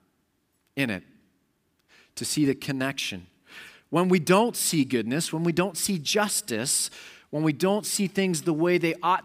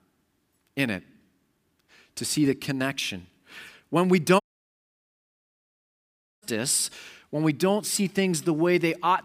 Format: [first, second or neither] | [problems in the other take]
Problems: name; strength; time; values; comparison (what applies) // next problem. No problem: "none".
first | audio cutting out; at 4.5 s for 2 s